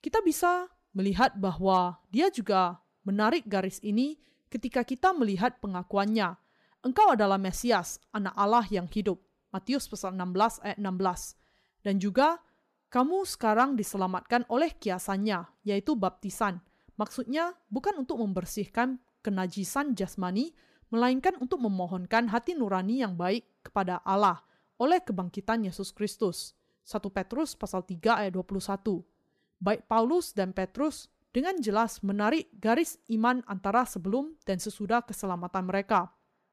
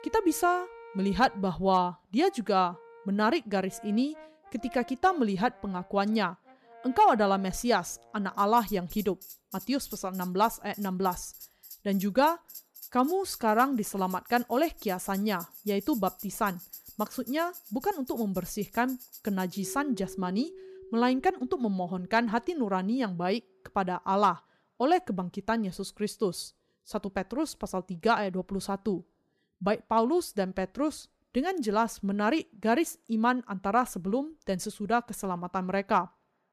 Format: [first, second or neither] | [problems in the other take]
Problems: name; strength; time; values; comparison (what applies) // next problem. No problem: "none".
first | background music; noticeable; until 24 s; 20 dB below the speech